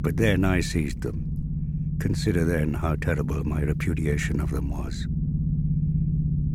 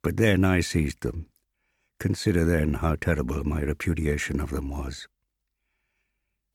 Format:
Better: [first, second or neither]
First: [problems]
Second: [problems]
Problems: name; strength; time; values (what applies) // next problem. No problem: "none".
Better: second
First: low rumble; loud; throughout; 9 dB below the speech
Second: none